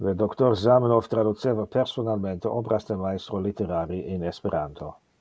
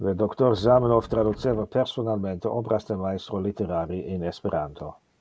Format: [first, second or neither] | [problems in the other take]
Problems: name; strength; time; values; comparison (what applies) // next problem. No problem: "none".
first | background sound (Wind); 15 dB below the speech